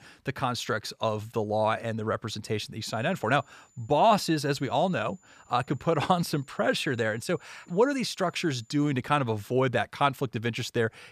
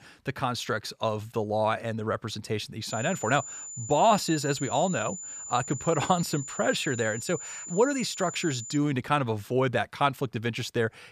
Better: first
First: high-pitched whine; faint; from 3 to 9 s; 7 kHz, 35 dB below the speech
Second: high-pitched whine; loud; from 3 to 9 s; 7 kHz, 9 dB below the speech

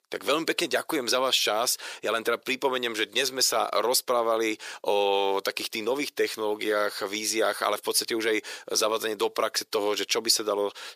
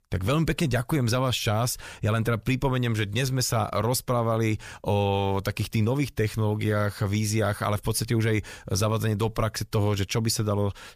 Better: second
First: thin; very; fading below 350 Hz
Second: none

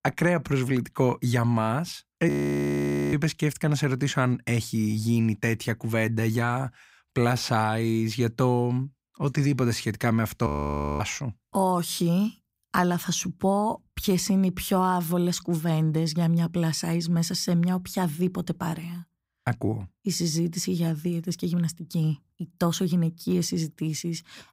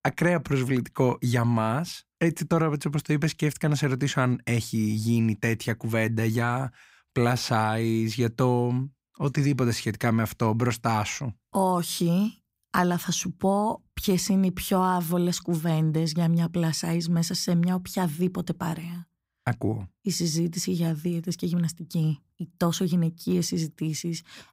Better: second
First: audio freezing; at 2.5 s for 1 s and at 10 s for 0.5 s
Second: none

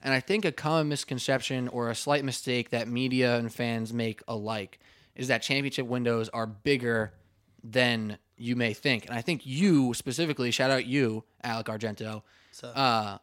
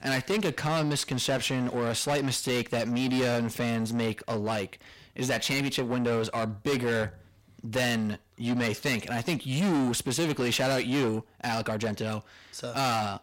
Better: first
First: none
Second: distortion; heavy; 5 dB below the speech

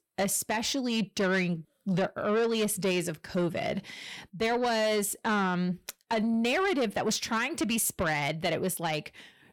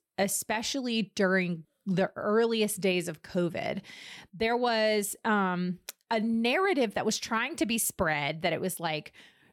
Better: second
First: distortion; slight; 10 dB below the speech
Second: none

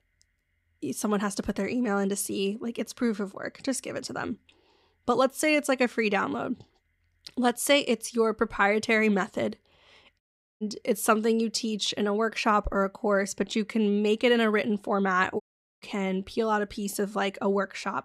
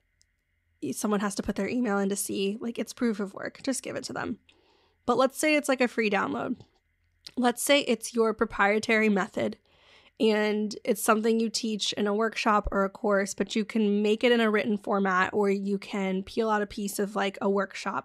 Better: second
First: audio cutting out; at 10 s and at 15 s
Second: none

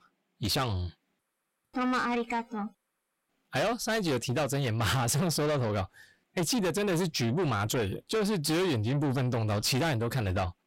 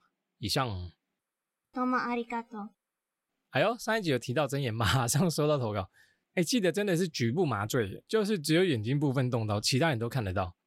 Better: second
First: distortion; heavy; 7 dB below the speech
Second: none

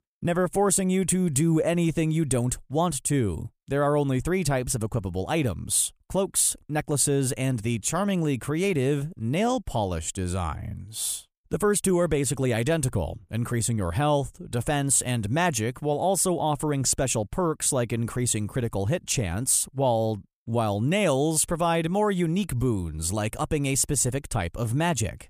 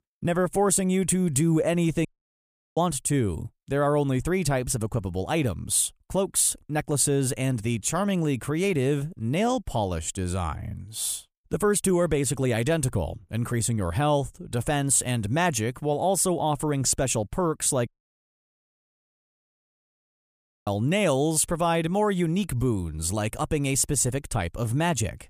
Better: first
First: none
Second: audio cutting out; at 2 s for 0.5 s and at 18 s for 3 s

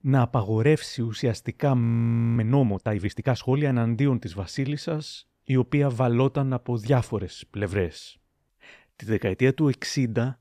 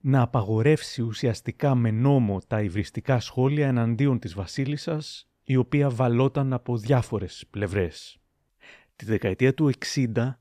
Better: second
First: audio freezing; at 2 s for 0.5 s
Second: none

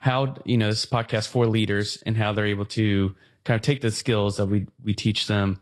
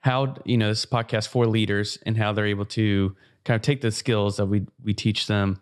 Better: second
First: garbled, watery; slightly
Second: none

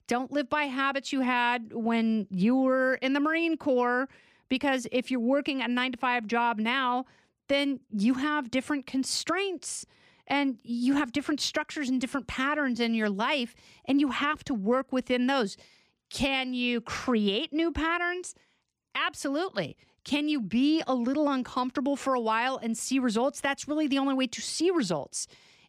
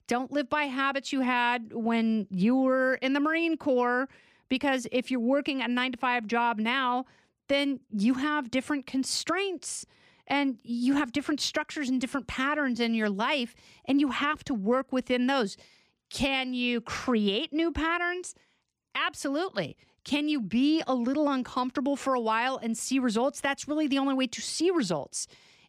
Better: neither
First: none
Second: none

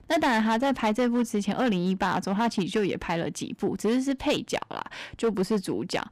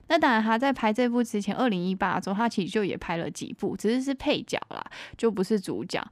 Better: second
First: distortion; slight; 8% of the sound clipped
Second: none

